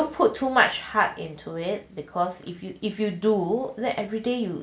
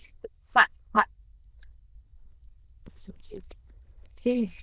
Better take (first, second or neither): first